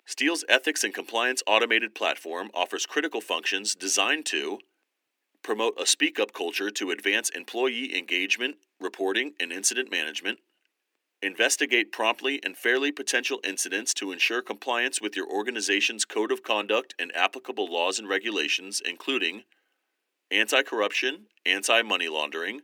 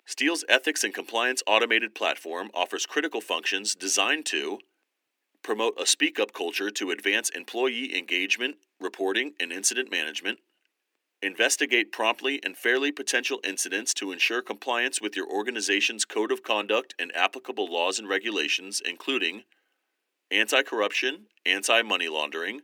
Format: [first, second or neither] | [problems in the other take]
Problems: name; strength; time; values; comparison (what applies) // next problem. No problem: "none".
neither | thin; somewhat; fading below 300 Hz; the same in both